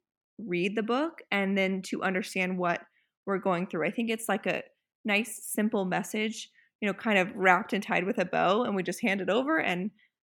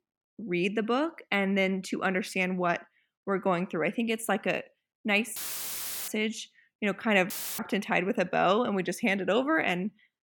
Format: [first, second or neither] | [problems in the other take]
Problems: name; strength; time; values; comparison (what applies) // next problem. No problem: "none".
first | audio cutting out; filled with static; at 5.5 s for 0.5 s and at 7.5 s